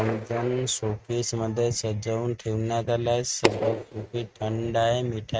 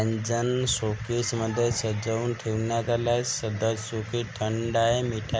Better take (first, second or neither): second